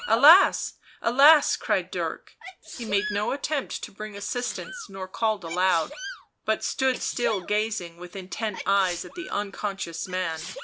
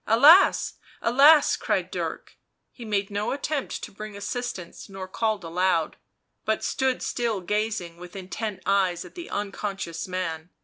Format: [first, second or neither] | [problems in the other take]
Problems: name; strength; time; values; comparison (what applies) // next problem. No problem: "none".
second | background sound (Sneeze); 15 dB below the speech